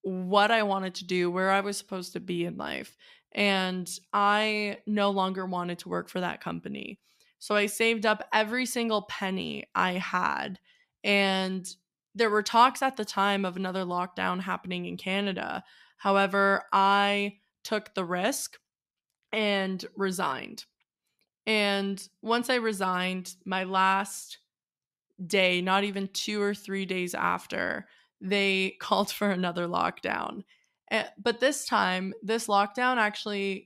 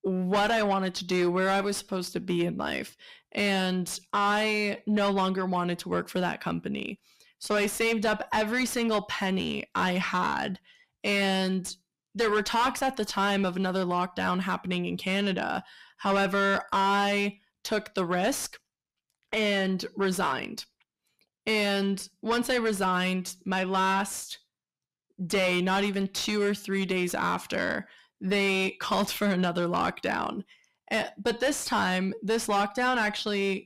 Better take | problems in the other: first | distortion; heavy; 7 dB below the speech

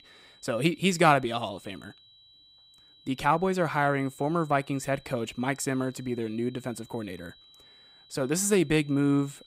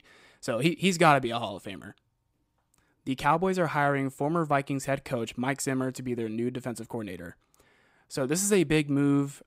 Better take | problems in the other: second | high-pitched whine; faint; throughout; 4 kHz, 25 dB below the speech

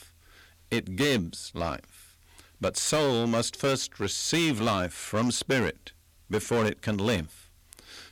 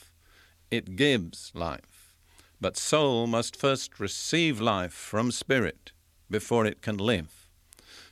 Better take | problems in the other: second | distortion; heavy; 8% of the sound clipped

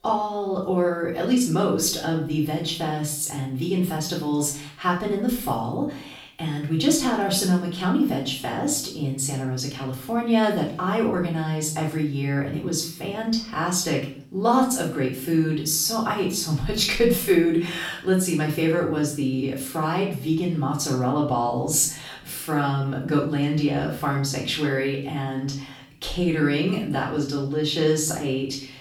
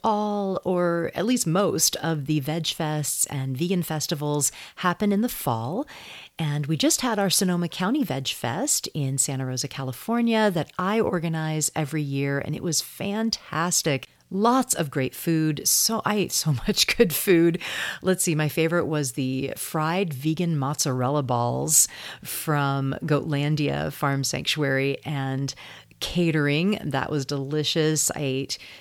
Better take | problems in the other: second | off-mic speech; far // room echo; slight; dies away in 0.5 s

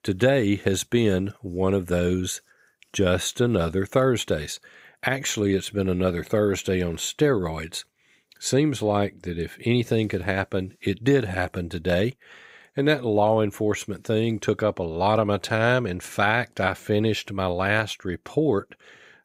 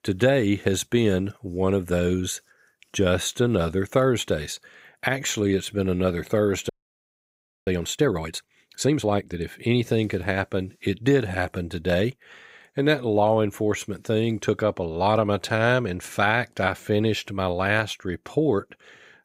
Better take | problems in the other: first | audio freezing; at 6.5 s for 1 s

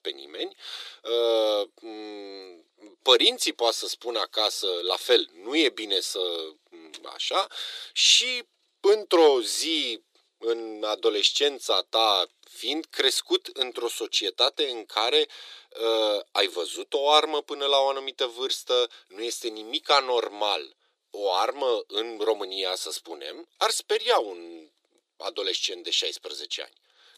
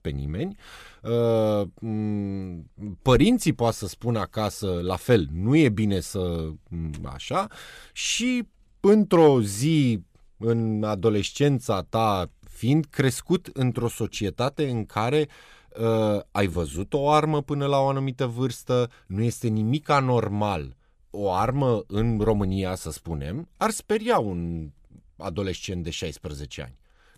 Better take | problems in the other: second | thin; very; fading below 350 Hz

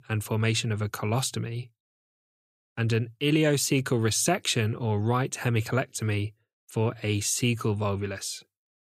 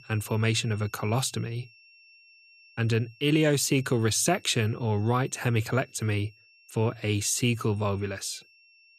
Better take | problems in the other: first | high-pitched whine; faint; throughout; 2.5 kHz, 25 dB below the speech

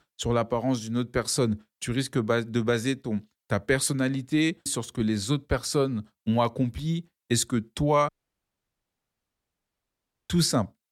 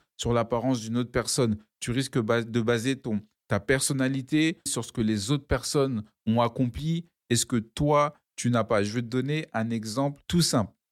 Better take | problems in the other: second | audio cutting out; at 8 s for 2 s

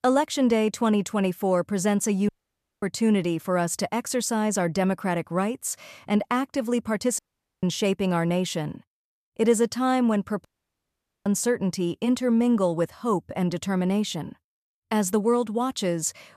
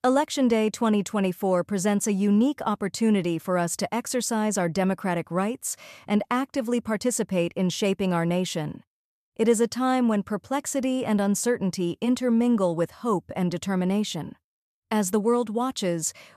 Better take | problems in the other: second | audio cutting out; at 2.5 s for 0.5 s, at 7 s and at 10 s for 1 s

